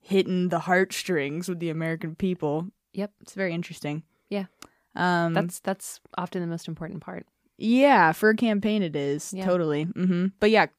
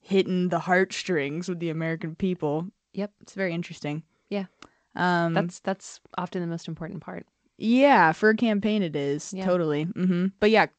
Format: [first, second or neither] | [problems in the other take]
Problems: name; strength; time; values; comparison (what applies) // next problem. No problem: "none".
first | garbled, watery; slightly; nothing above 8 kHz